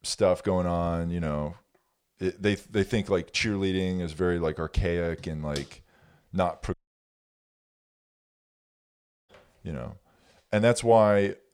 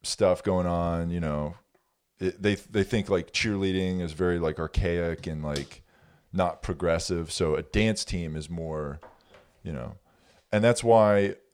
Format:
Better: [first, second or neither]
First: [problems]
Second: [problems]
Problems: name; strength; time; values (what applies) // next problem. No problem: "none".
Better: second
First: audio cutting out; at 6.5 s for 2.5 s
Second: none